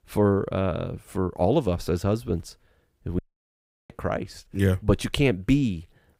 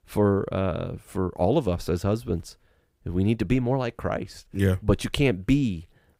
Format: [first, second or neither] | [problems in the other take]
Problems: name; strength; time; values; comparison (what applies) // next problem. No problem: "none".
second | audio cutting out; at 3 s for 0.5 s